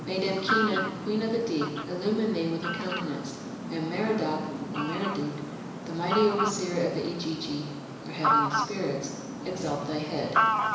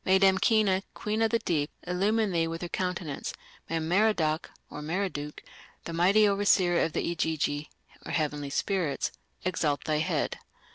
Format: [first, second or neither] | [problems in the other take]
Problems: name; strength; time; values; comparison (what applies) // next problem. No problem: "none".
second | background sound (Fowl); 1 dB below the speech // room echo; dies away in 1 s